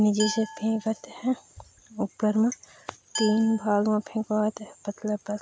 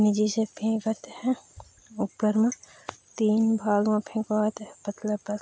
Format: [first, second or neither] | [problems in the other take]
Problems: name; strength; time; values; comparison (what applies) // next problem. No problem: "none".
second | background sound (Glass); 13 dB below the speech